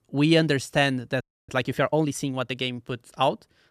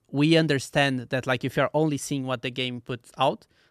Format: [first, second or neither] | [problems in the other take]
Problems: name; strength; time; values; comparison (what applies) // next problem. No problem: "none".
second | audio freezing; at 1 s